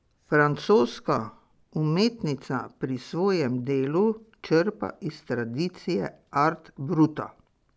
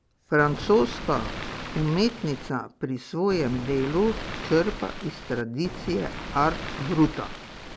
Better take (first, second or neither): first